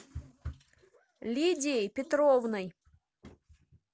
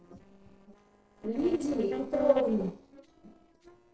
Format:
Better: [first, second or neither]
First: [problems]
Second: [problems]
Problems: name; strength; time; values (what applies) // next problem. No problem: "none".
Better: first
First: none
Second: noise reduction (neural separator model SepFormer DNS4)